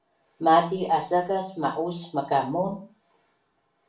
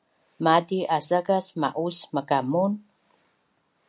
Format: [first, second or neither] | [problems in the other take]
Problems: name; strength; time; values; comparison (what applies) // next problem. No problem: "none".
second | room echo; dies away in 0.3 s